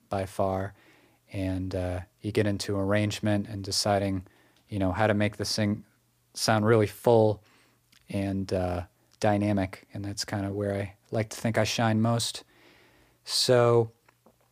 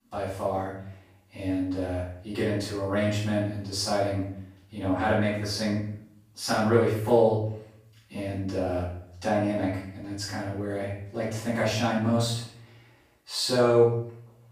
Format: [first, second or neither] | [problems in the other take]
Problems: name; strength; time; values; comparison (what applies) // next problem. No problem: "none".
first | off-mic speech; far // room echo; noticeable; dies away in 0.6 s